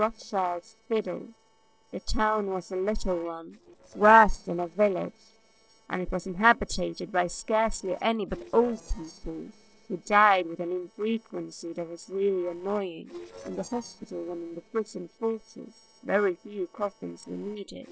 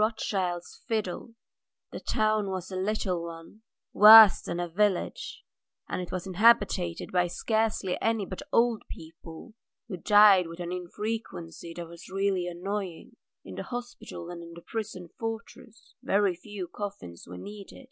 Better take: second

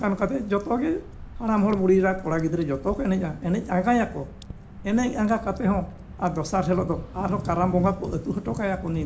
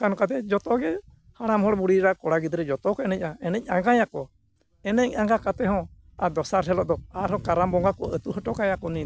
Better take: second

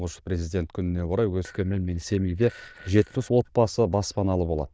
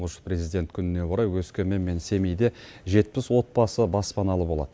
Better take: second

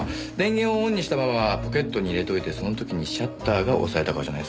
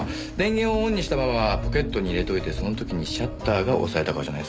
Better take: first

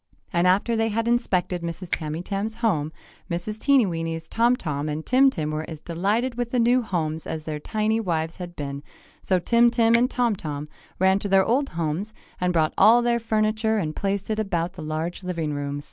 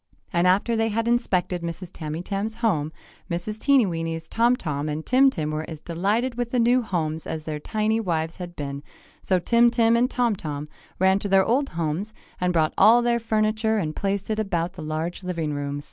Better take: second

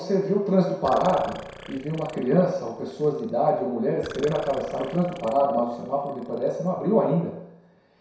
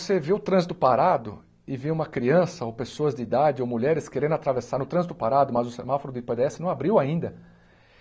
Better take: second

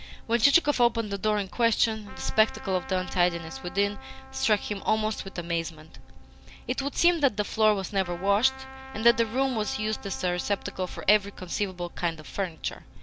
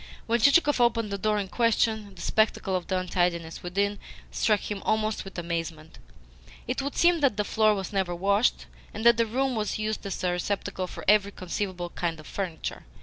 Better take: second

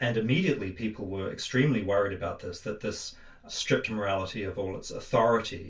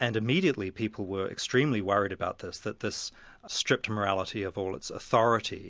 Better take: second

